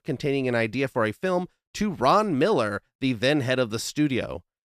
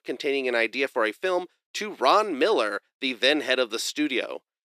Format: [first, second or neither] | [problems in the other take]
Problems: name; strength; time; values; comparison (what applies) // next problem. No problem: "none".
first | thin; somewhat; fading below 350 Hz